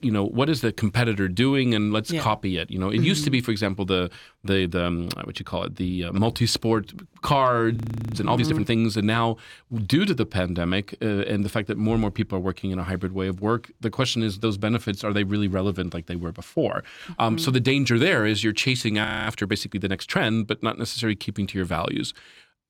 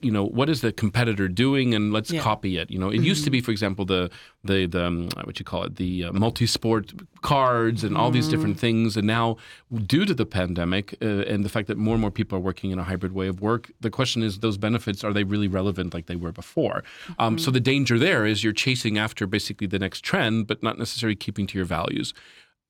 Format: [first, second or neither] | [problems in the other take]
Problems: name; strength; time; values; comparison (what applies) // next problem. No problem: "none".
second | audio freezing; at 8 s and at 19 s